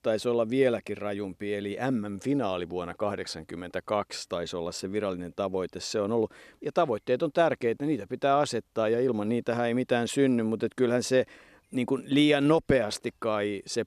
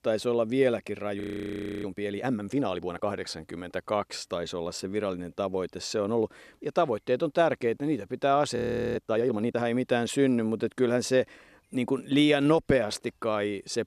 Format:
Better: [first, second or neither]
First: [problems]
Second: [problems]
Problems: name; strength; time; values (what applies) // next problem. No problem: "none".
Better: first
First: none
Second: audio freezing; at 1 s for 0.5 s and at 8.5 s